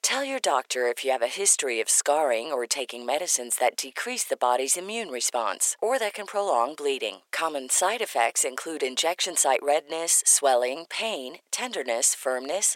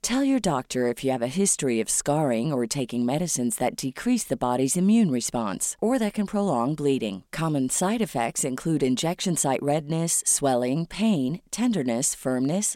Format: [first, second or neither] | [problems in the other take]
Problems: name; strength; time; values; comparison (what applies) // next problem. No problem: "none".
second | thin; very; fading below 450 Hz